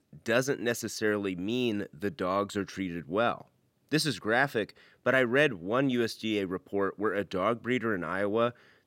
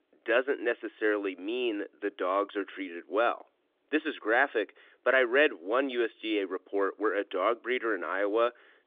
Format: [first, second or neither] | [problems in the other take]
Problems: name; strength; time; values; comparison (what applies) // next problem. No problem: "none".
first | phone-call audio